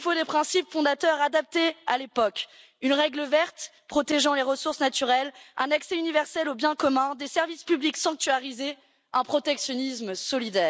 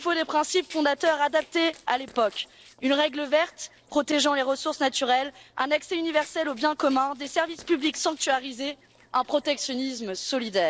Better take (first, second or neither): first